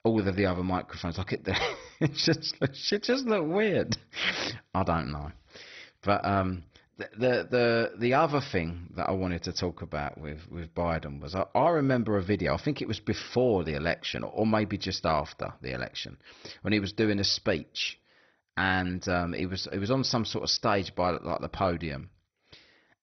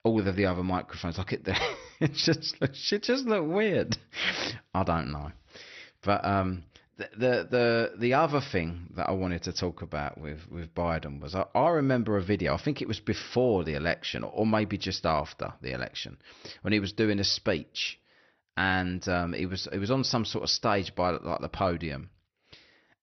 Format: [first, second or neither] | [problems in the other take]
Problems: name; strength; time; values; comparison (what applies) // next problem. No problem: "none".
second | garbled, watery; badly; nothing above 6 kHz; slightly in the second